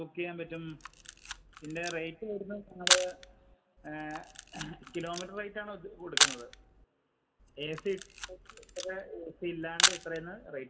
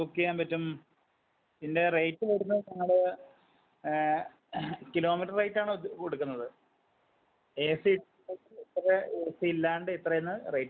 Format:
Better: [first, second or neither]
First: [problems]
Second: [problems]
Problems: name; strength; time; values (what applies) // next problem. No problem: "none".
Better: second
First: background sound (Camera); 5 dB above the speech // room echo; dies away in 1.5 s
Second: none